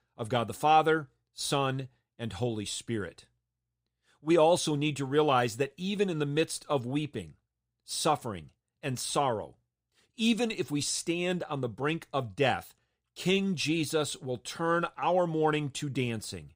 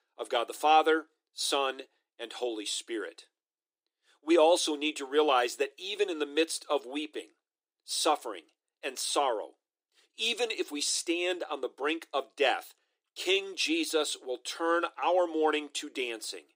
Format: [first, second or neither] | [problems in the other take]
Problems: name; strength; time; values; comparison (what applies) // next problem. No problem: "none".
first | thin; somewhat; fading below 300 Hz